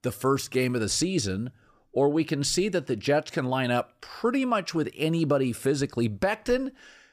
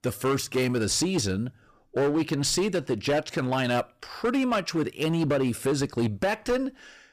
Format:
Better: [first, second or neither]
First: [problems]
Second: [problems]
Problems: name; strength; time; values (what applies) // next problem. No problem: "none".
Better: first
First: none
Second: distortion; slight; 11% of the sound clipped